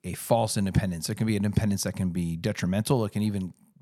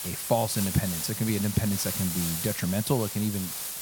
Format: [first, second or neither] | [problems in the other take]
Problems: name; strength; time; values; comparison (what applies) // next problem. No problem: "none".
first | hiss; loud; throughout; 3 dB below the speech